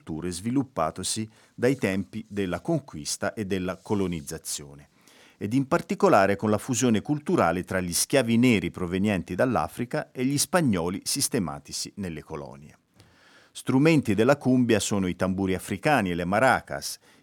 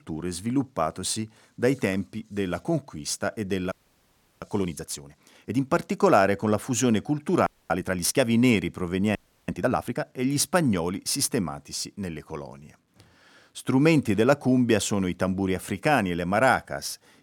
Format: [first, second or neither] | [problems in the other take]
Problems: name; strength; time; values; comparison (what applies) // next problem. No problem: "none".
first | audio freezing; at 3.5 s for 0.5 s, at 7.5 s and at 9 s